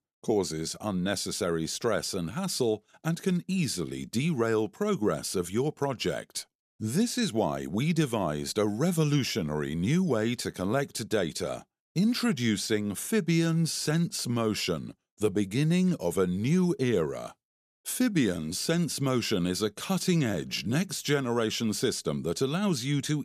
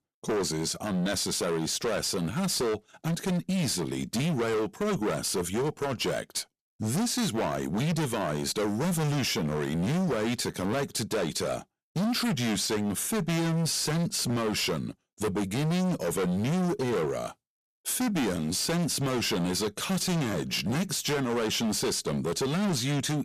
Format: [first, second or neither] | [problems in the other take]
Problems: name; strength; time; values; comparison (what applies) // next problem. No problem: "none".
first | distortion; heavy; 28% of the sound clipped